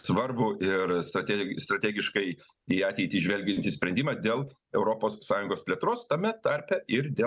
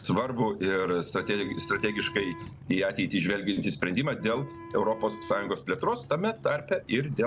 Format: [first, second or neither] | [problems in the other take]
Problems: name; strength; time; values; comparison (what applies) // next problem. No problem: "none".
first | background sound (Wind instrument, woodwind instrument + Motorcycle); 16 dB below the speech